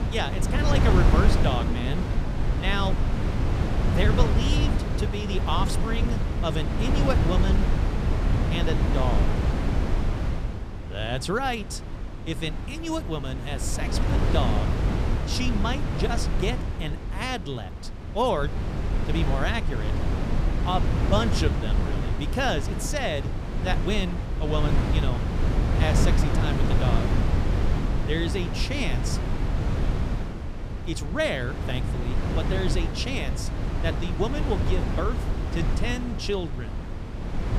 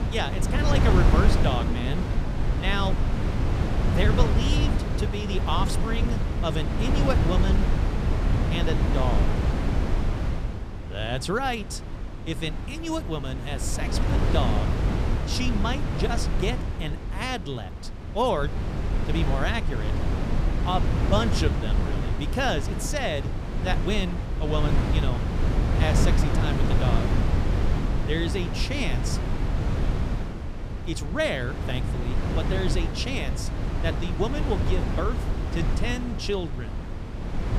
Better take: neither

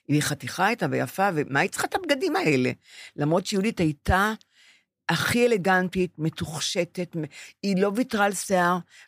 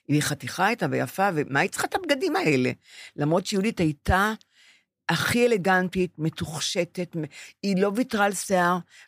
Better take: neither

